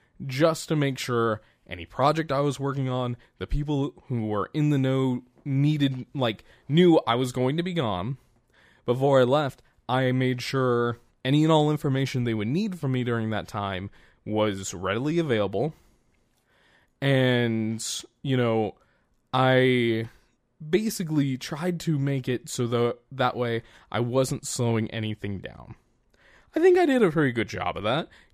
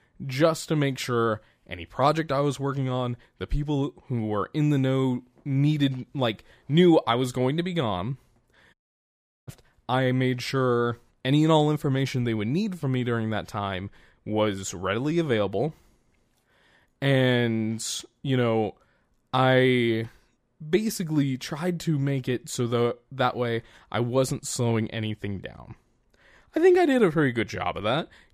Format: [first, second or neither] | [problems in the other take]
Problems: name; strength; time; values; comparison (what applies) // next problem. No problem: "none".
first | audio cutting out; at 8.5 s for 0.5 s